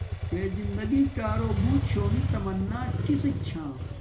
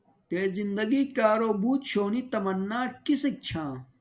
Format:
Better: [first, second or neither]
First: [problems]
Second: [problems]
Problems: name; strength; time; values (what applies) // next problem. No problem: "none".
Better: second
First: background sound (Motorcycle); 1 dB above the speech // room echo; dies away in 0.3 s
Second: none